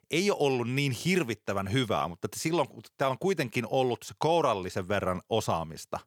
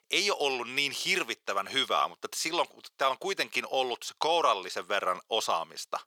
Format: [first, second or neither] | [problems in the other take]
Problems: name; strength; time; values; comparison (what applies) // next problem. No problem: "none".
first | thin; very; fading below 500 Hz